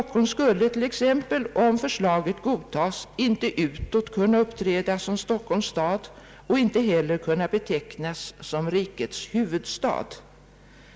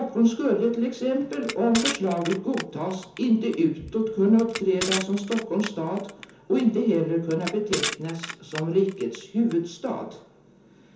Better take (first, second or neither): first